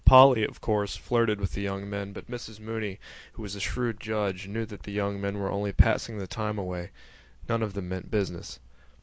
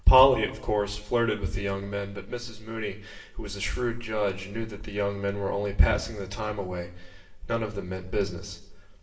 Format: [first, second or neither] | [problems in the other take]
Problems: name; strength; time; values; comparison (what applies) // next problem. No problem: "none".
first | room echo; dies away in 0.6 s